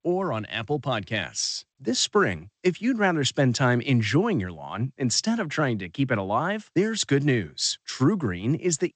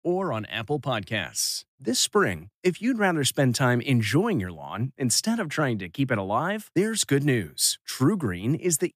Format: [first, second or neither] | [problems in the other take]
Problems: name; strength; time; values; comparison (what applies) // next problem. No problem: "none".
second | garbled, watery; slightly; nothing above 8 kHz